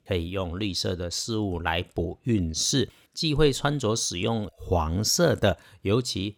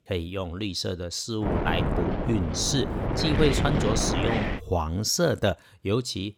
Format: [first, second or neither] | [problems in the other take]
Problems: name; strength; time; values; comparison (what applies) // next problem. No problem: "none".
first | wind noise on the microphone; heavy; from 1.5 to 4.5 s; 2 dB below the speech